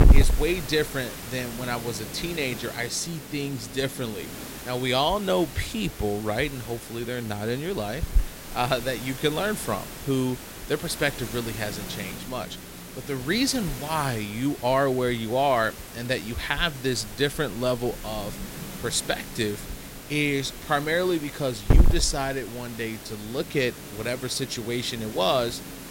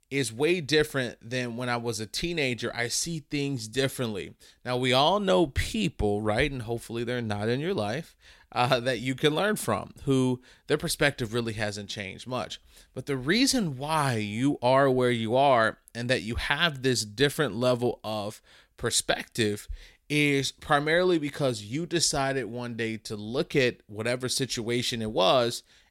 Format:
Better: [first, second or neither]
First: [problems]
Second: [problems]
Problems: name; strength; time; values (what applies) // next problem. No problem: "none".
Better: second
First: hiss; loud; throughout; 6 dB below the speech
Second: none